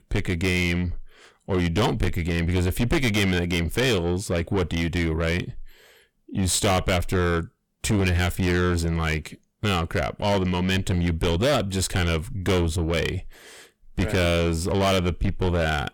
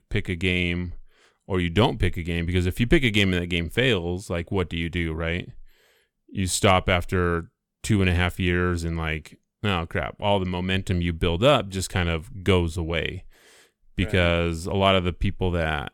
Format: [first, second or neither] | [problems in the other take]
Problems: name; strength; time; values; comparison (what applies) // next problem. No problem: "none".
second | distortion; heavy; 6 dB below the speech